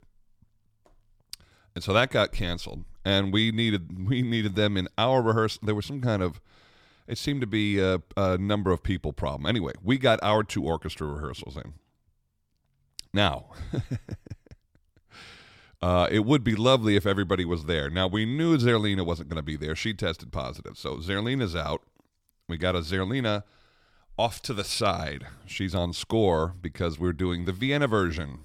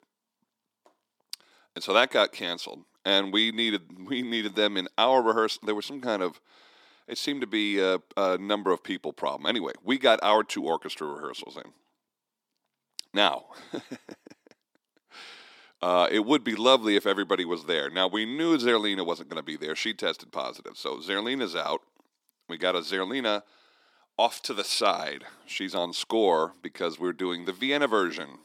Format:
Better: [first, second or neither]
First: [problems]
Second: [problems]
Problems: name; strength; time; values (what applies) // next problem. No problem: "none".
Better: first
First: none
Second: thin; somewhat; fading below 250 Hz